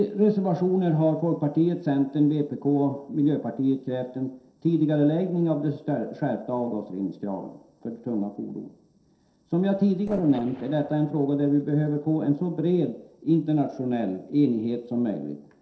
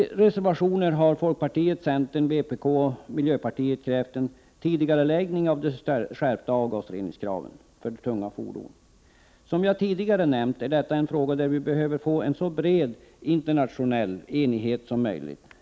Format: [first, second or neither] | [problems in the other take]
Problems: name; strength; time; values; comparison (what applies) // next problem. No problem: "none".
second | noise reduction (neural separator model SepFormer DNS4)